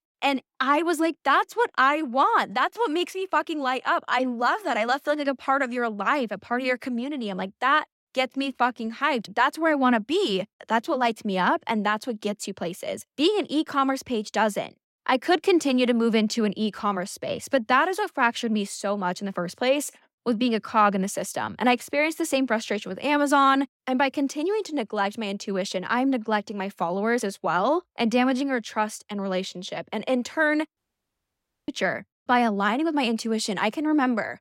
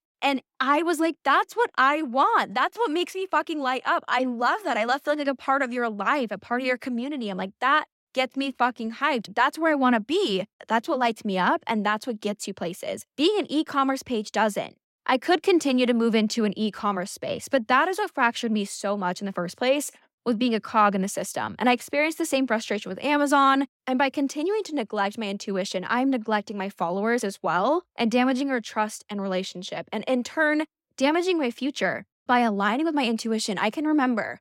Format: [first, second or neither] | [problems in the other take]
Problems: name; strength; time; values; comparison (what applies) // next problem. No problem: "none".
second | audio cutting out; at 31 s for 1 s